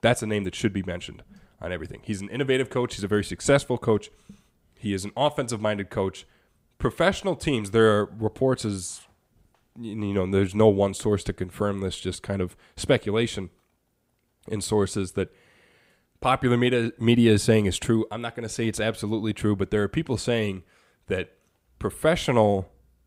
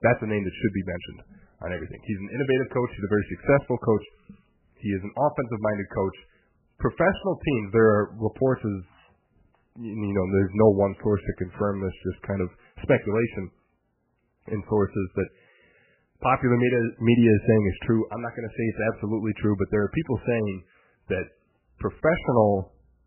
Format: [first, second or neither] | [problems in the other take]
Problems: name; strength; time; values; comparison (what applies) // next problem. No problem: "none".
first | garbled, watery; badly; nothing above 3 kHz